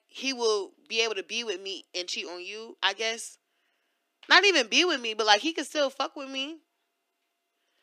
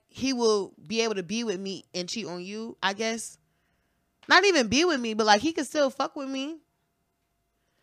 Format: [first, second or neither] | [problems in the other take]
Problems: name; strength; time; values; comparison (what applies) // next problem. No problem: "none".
second | thin; somewhat; fading below 300 Hz